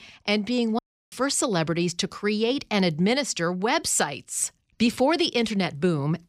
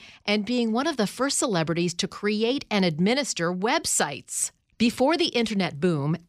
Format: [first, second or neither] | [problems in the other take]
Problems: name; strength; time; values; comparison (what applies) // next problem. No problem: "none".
second | audio cutting out; at 1 s